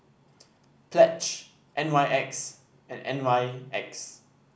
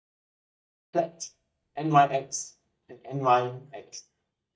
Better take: first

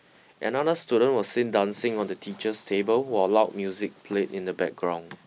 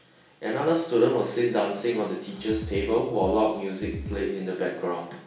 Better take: first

